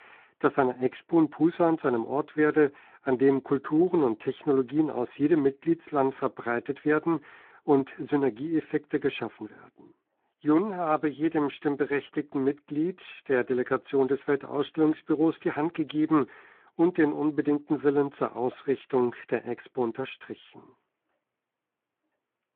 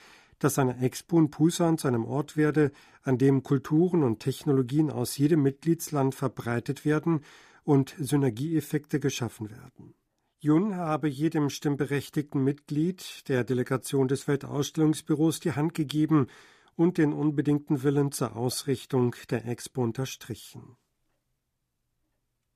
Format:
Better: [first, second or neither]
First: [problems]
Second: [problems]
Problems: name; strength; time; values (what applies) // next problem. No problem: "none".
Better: second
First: phone-call audio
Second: none